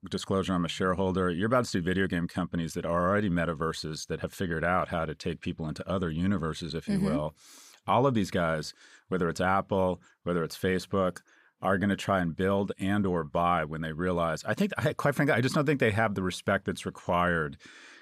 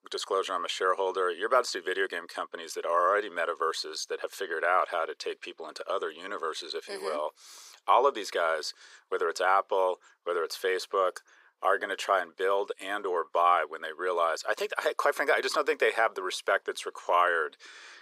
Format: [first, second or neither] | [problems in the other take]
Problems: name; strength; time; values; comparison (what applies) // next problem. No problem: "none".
first | thin; very; fading below 400 Hz